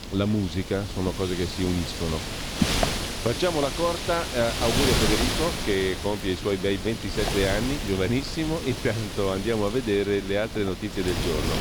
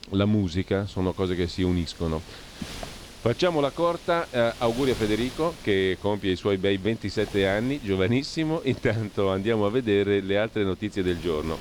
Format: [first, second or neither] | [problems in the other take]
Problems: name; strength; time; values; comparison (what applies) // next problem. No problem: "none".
second | wind noise on the microphone; heavy; 2 dB below the speech; occasional gusts in the second